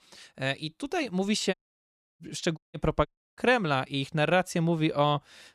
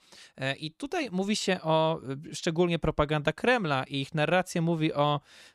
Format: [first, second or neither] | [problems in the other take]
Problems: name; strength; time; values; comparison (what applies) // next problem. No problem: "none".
second | audio cutting out; at 1.5 s for 0.5 s, at 2.5 s and at 3 s